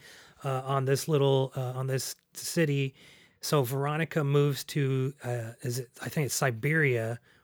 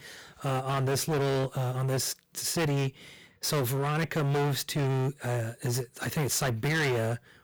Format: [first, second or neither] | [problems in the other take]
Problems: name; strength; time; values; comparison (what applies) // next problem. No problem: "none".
first | distortion; heavy; 21% of the sound clipped